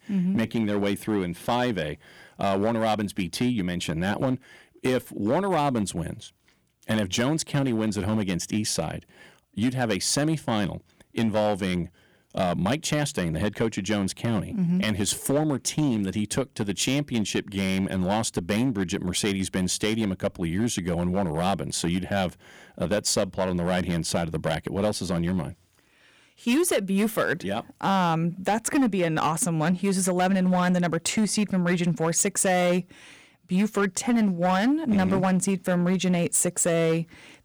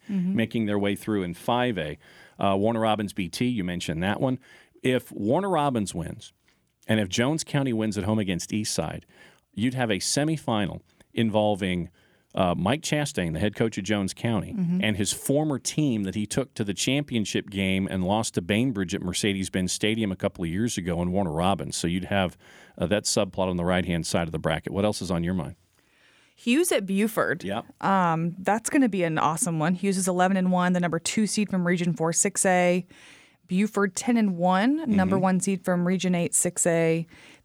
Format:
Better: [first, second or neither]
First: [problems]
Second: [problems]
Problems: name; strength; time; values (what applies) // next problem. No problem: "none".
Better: second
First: distortion; slight; 6% of the sound clipped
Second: none